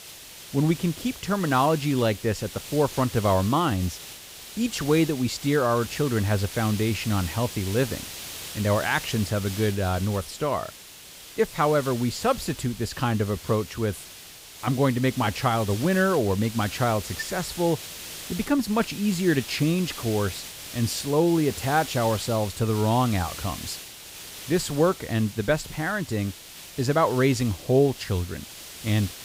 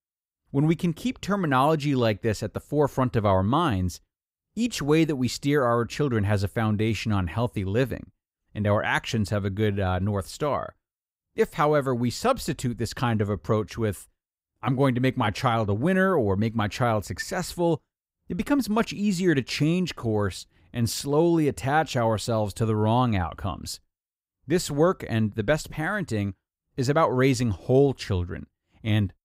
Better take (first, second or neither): second